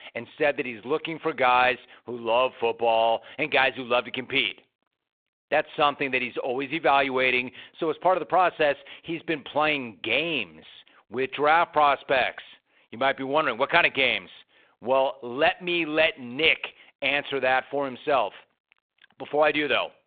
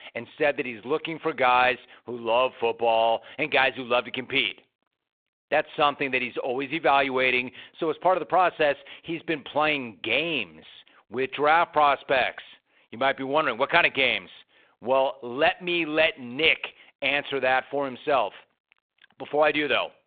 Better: neither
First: phone-call audio; nothing above 3.5 kHz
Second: phone-call audio; nothing above 3.5 kHz

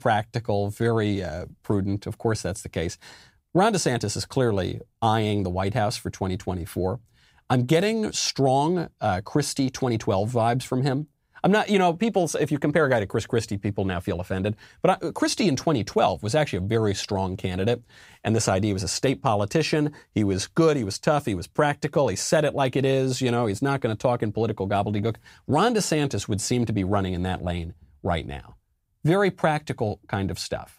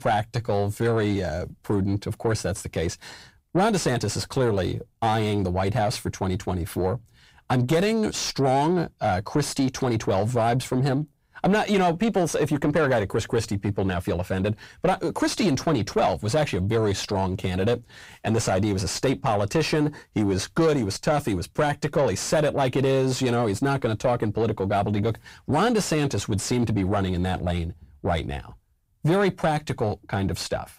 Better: first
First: none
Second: distortion; slight; 9 dB below the speech

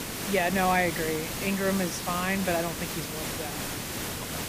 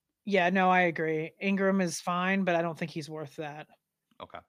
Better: second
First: hiss; loud; throughout; 4 dB below the speech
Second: none

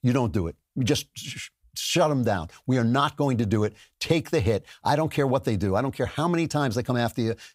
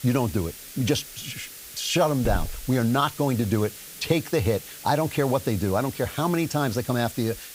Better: first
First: none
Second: hiss; noticeable; throughout; 10 dB below the speech

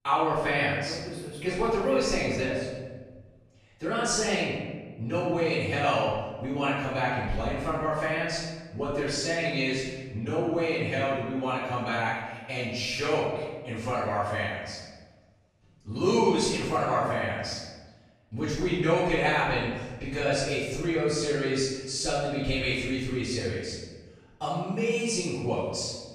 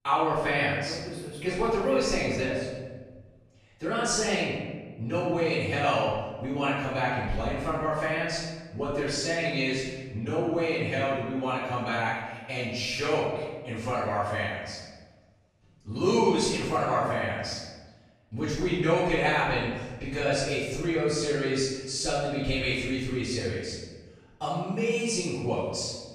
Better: neither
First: off-mic speech; far // room echo; strong; dies away in 1.2 s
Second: off-mic speech; far // room echo; strong; dies away in 1.2 s

